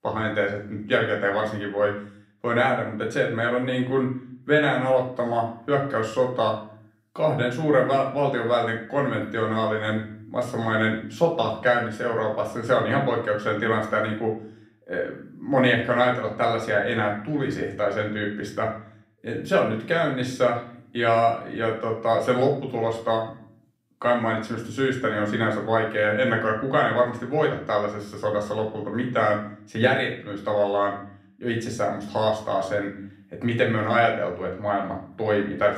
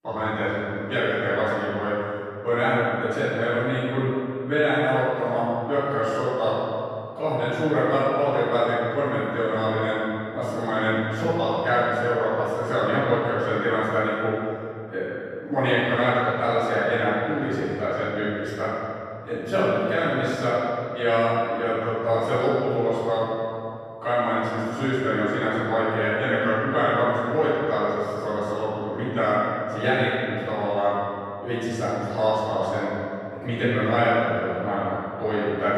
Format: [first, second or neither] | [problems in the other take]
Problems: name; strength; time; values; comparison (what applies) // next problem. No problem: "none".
first | room echo; strong; dies away in 2.3 s; slight in the first // off-mic speech; far; far in the first